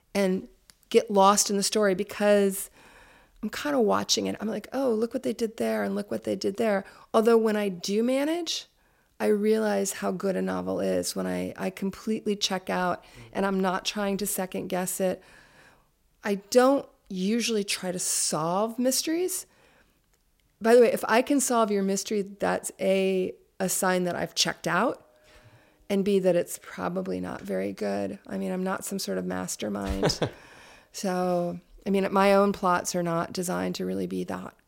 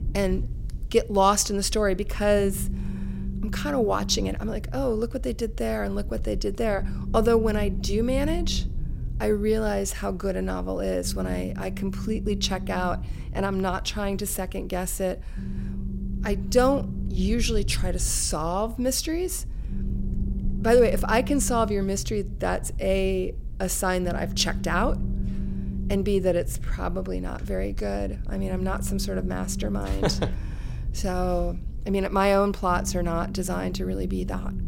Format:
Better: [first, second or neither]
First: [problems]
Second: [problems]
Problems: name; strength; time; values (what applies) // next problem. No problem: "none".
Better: first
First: none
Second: low rumble; noticeable; throughout; 15 dB below the speech